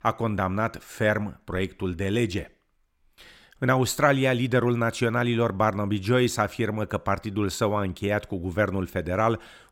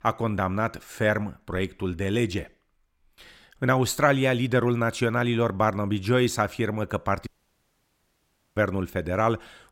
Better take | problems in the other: first | audio cutting out; at 7.5 s for 1.5 s

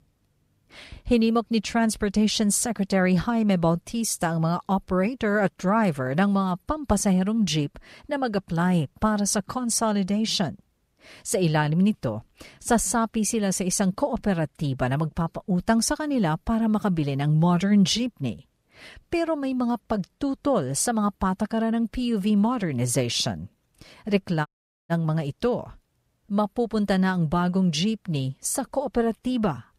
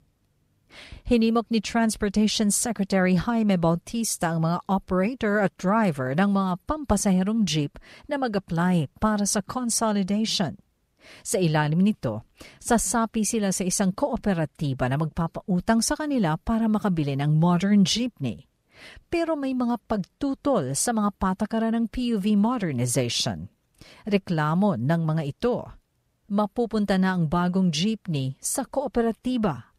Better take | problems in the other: second | audio cutting out; at 24 s

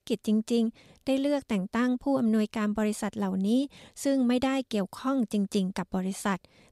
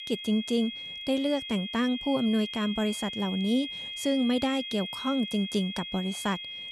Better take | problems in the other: first | high-pitched whine; loud; throughout; 3.5 kHz, 6 dB below the speech

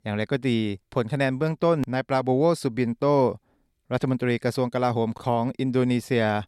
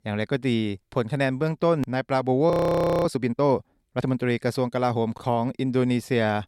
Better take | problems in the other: first | audio freezing; at 2.5 s for 0.5 s

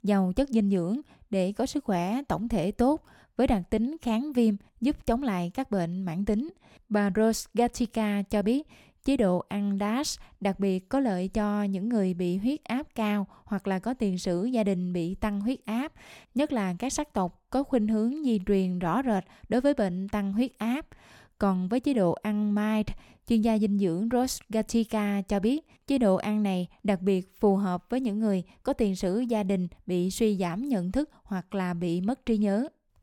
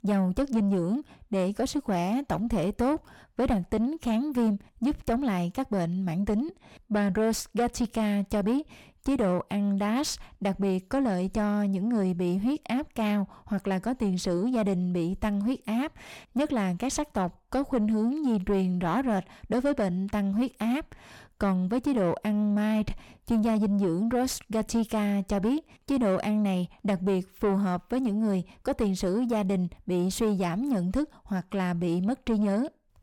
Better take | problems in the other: first | distortion; slight; 10 dB below the speech

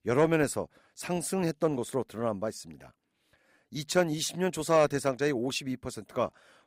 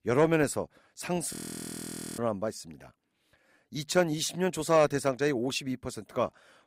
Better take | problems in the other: first | audio freezing; at 1.5 s for 1 s

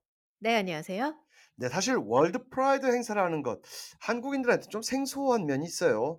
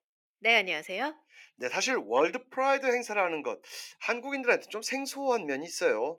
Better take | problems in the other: first | thin; very slightly; fading below 400 Hz

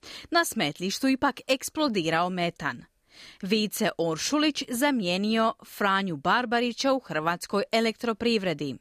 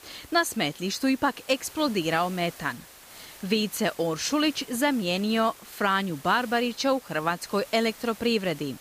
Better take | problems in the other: first | hiss; noticeable; throughout; 20 dB below the speech

